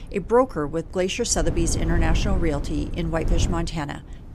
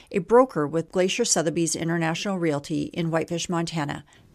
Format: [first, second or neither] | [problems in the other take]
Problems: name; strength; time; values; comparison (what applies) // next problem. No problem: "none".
second | wind noise on the microphone; occasional gusts; 10 dB below the speech